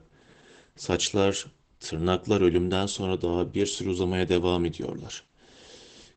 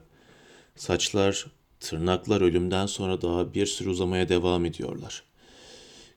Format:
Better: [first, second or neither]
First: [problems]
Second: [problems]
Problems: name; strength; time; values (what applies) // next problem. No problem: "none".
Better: second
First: garbled, watery; badly; nothing above 8 kHz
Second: none